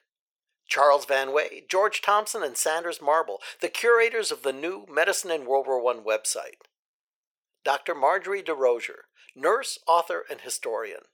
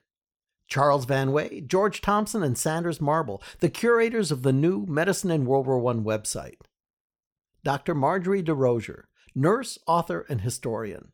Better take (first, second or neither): second